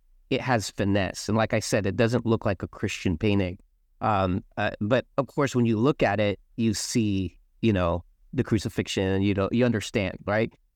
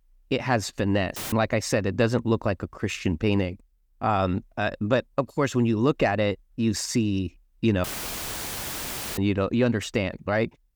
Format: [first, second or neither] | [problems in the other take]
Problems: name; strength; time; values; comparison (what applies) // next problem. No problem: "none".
first | audio cutting out; filled with static; at 1 s and at 8 s for 1.5 s